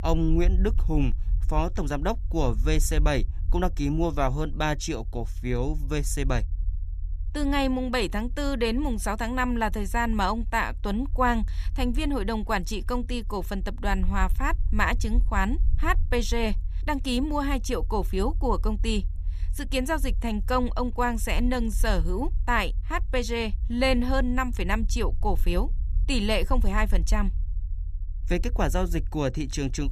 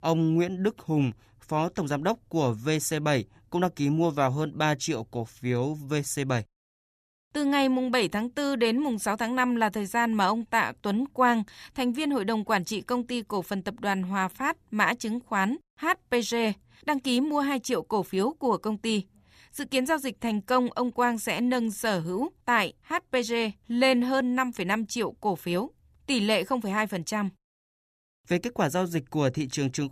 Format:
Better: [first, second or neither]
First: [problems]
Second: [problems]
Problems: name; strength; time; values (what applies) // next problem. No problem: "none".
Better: second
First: low rumble; faint; throughout; 25 dB below the speech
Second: none